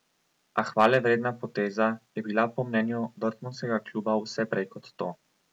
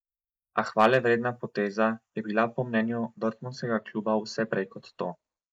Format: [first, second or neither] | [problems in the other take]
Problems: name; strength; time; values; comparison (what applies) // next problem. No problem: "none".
first | noise reduction (neural mask model Resemble Enhance denoiser)